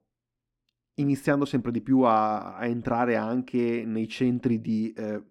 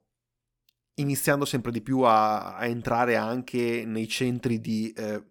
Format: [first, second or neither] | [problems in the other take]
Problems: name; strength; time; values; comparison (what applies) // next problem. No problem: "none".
second | muffled; slightly; fading above 2 kHz